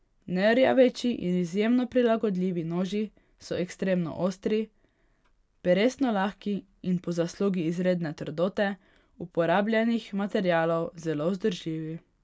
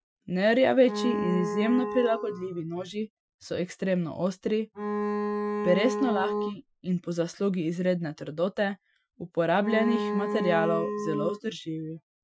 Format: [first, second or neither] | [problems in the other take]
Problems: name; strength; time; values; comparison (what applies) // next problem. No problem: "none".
first | noise reduction (classical method Wiener filter)